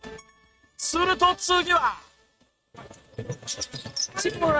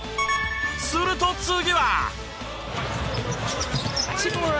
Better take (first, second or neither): second